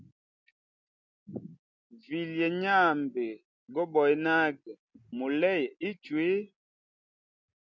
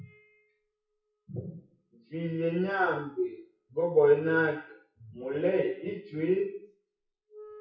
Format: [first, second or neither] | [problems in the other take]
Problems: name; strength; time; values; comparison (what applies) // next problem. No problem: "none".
first | noise reduction (classical method WPE with log-MMSE)